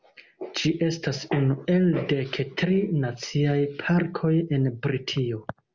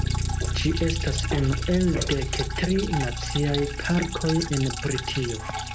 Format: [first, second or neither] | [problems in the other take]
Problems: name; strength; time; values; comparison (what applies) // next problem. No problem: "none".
first | background sound (Drip + Bass guitar); 2 dB below the speech